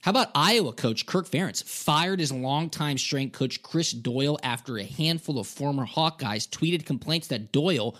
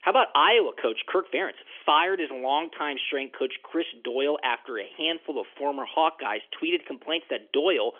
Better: first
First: none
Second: phone-call audio; nothing above 3.5 kHz

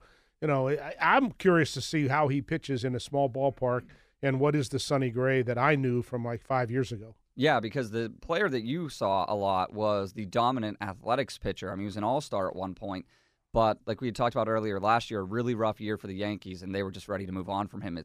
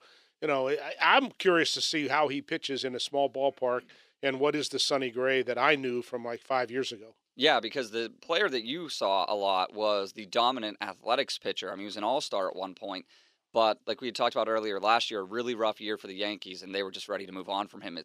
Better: first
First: none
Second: thin; somewhat; fading below 350 Hz

